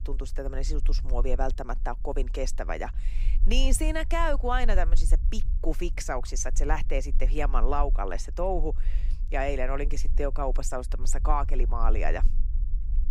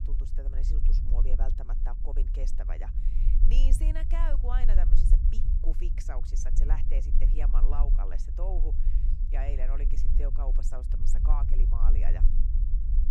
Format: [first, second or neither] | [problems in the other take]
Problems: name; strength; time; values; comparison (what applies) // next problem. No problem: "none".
first | low rumble; loud; throughout; 7 dB below the speech; faint in the first